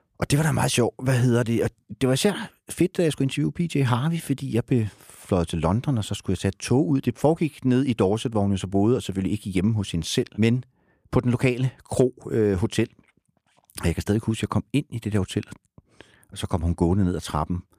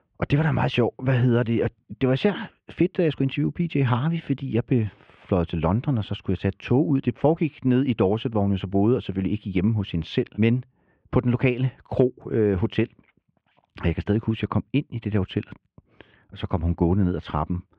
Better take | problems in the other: first | muffled; very; fading above 3 kHz

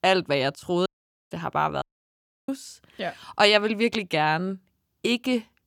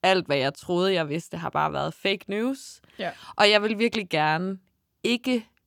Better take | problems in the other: second | audio cutting out; at 1 s and at 2 s for 0.5 s

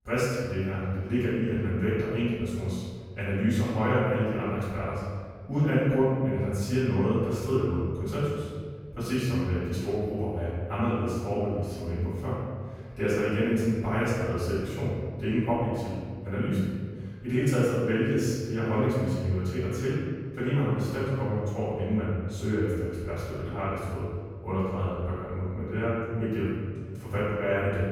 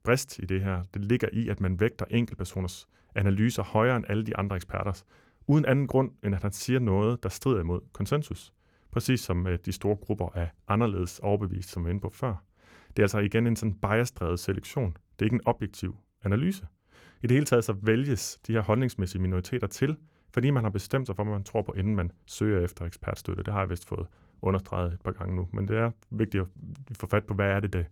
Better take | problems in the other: second | off-mic speech; far // room echo; strong; dies away in 1.6 s

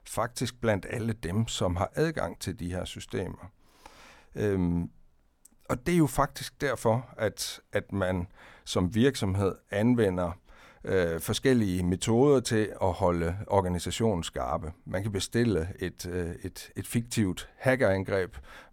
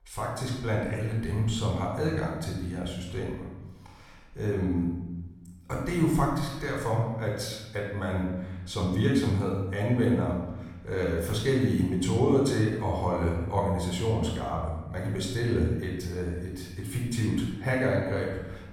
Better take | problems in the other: first | off-mic speech; far // room echo; noticeable; dies away in 1 s

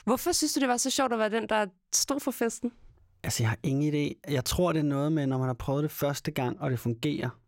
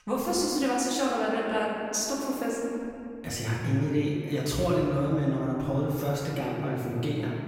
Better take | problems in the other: first | off-mic speech; far // room echo; noticeable; dies away in 2.2 s

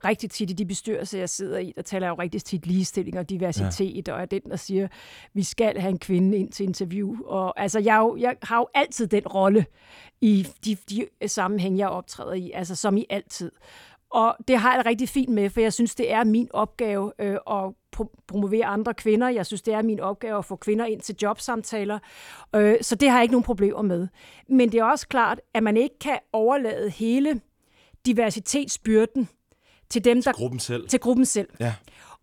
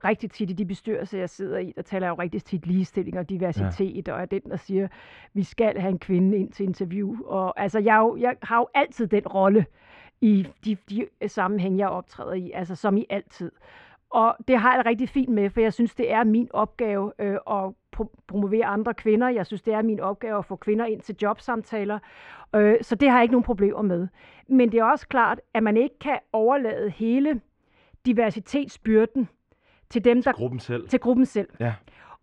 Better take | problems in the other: first | muffled; very; fading above 2 kHz

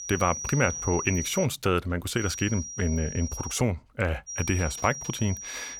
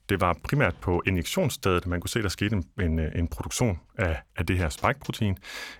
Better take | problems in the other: second | high-pitched whine; loud; until 1.5 s, from 2 to 3.5 s and from 4.5 s on; 6 kHz, 7 dB below the speech

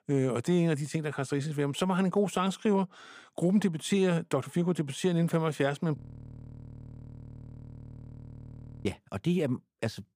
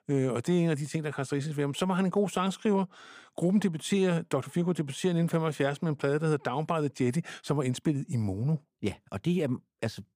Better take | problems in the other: second | audio freezing; at 6 s for 3 s

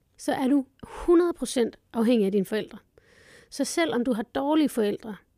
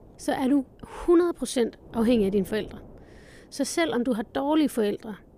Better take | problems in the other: first | wind noise on the microphone; occasional gusts; 25 dB below the speech

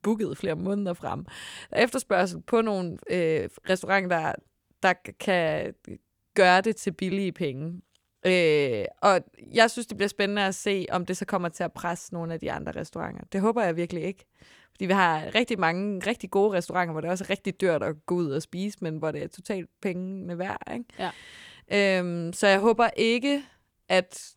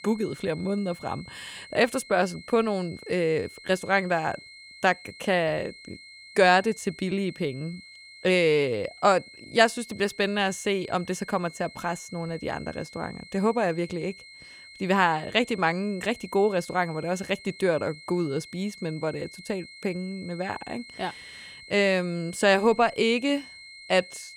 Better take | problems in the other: first | high-pitched whine; noticeable; throughout; 2 kHz, 20 dB below the speech

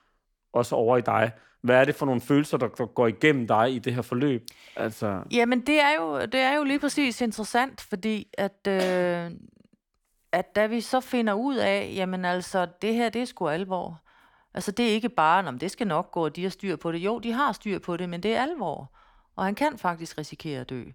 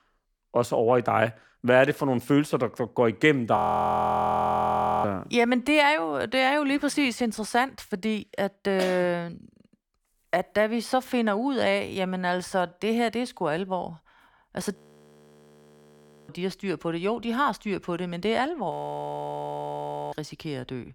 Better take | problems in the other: first | audio freezing; at 3.5 s for 1.5 s, at 15 s for 1.5 s and at 19 s for 1.5 s

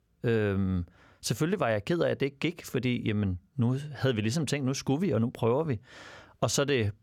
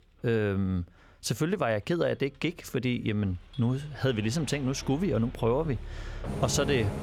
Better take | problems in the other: first | traffic noise; noticeable; throughout; 10 dB below the speech

